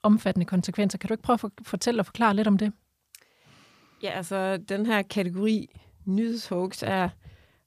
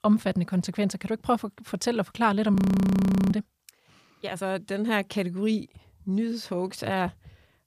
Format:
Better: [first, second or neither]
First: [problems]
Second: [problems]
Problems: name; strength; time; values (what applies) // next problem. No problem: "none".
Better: first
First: none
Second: audio freezing; at 2.5 s for 1 s